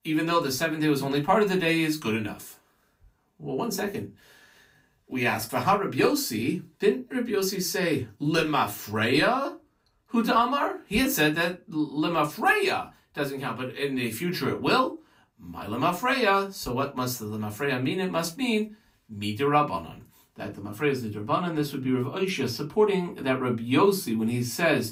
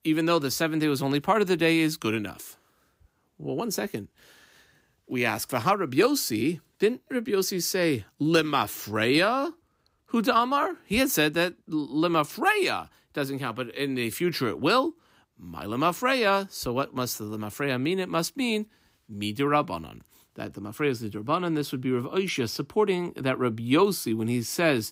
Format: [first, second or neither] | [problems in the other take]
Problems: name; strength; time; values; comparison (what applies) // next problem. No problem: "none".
second | off-mic speech; far // room echo; very slight; dies away in 0.2 s